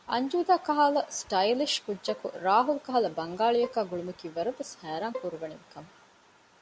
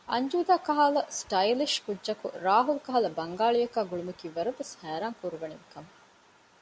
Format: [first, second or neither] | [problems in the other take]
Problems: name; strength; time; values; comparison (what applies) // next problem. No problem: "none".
second | background sound (Bowed string instrument); 17 dB below the speech